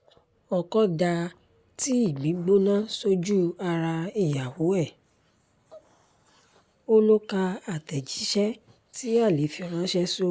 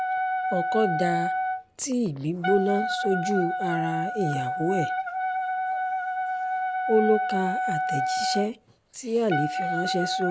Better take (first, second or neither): first